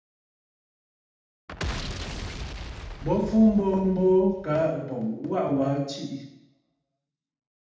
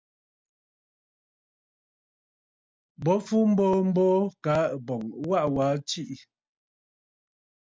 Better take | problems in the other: second | background sound (Boom); 9 dB below the speech // room echo; dies away in 0.8 s

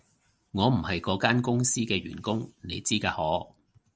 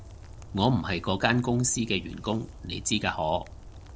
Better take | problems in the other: first | background sound (Rain); 16 dB below the speech

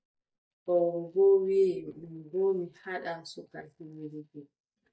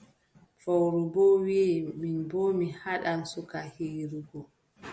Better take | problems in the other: second | noise reduction (neural mask model DeepFilterNet 3)

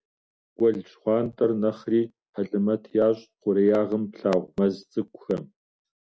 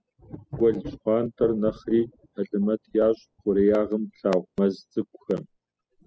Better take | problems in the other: first | noise reduction (classical method spectral subtraction)

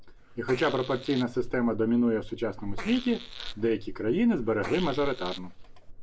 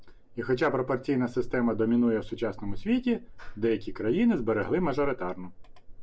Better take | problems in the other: second | background sound (Fart); 15 dB below the speech

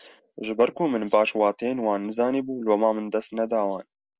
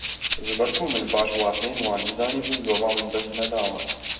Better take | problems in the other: first | background sound (Rattle (instrument)); 4 dB below the speech // room echo; dies away in 1.2 s

